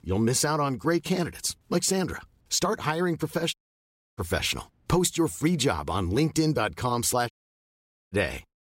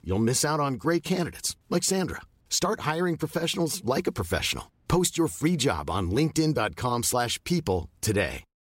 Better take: second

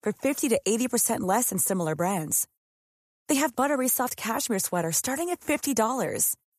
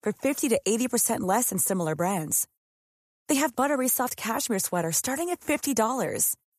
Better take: neither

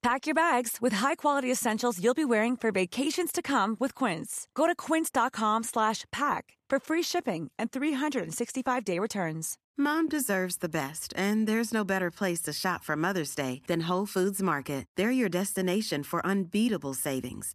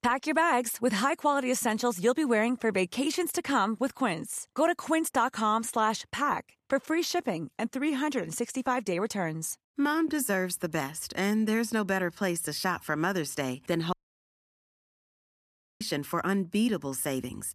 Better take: first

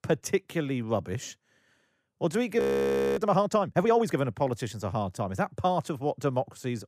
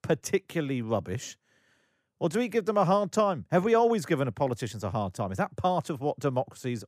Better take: second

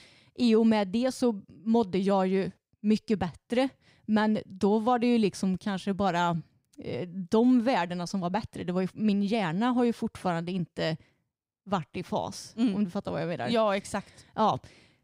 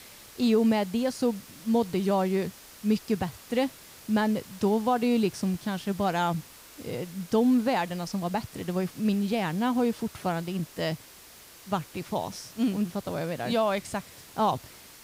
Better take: first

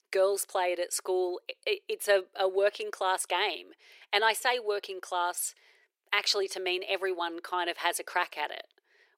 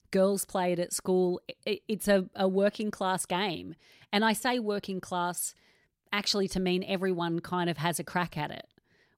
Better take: second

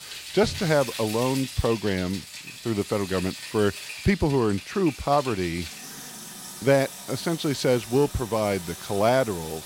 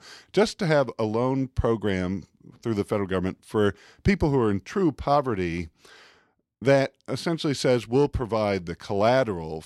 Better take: second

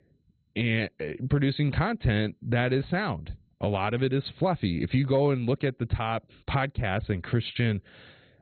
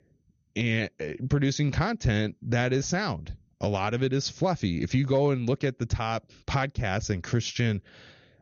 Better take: second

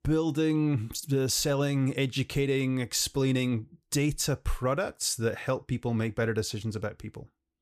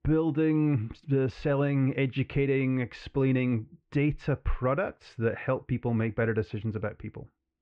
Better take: first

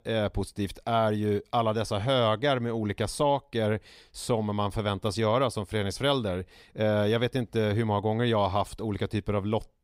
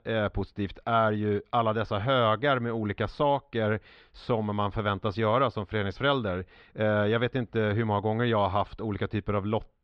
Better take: first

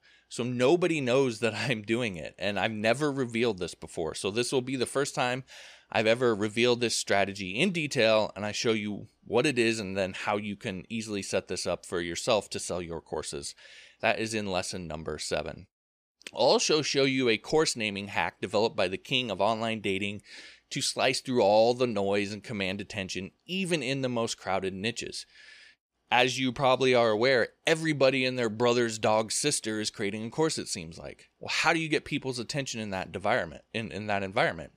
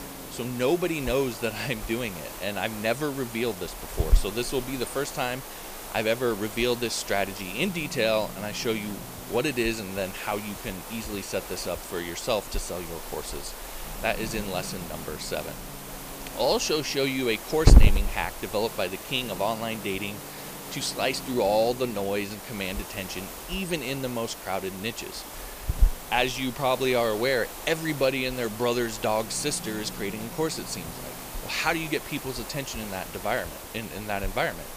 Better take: first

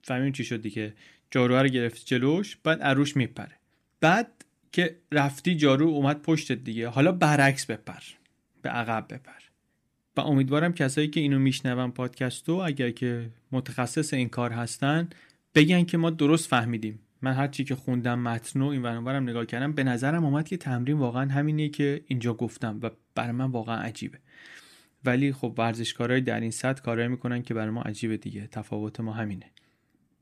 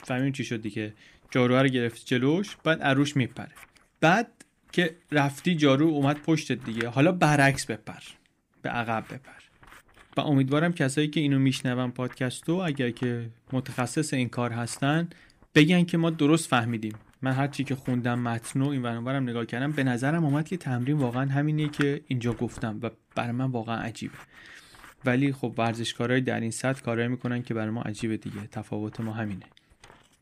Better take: first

